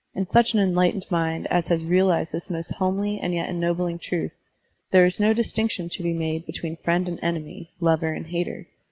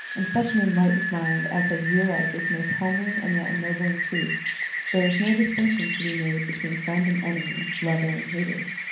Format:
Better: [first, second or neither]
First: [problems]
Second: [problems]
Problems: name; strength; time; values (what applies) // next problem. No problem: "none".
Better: first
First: none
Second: background sound (Rain); 4 dB below the speech // room echo; dies away in 0.6 s